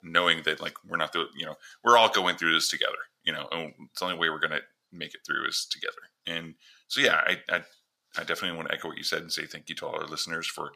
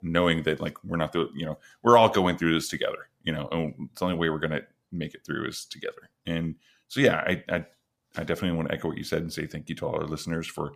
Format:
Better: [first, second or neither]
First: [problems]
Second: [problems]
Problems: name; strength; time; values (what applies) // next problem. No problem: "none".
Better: second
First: thin; somewhat; fading below 1 kHz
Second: none